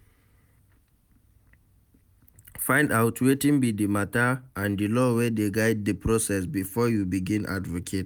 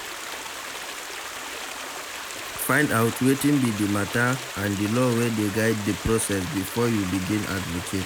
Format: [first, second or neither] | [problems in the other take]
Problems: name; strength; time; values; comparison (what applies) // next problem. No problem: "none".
first | background sound (Stream); 9 dB below the speech